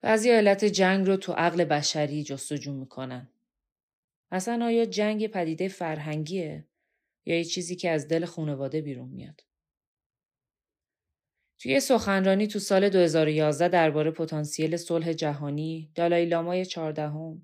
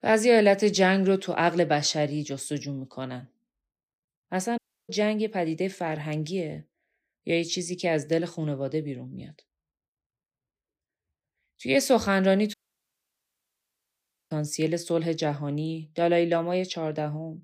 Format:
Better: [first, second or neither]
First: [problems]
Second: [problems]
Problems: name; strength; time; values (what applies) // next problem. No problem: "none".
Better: first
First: none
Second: audio cutting out; at 4.5 s and at 13 s for 2 s